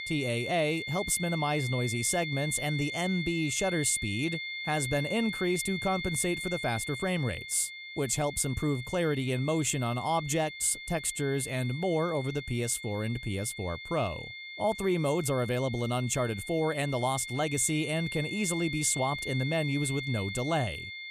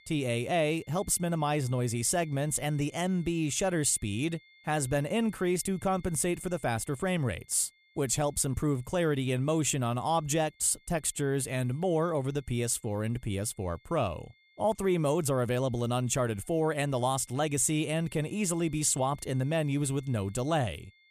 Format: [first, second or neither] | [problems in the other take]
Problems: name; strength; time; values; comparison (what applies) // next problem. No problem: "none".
second | high-pitched whine; loud; throughout; 2 kHz, 7 dB below the speech; faint in the second